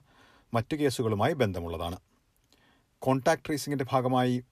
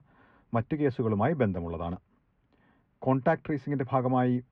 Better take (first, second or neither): first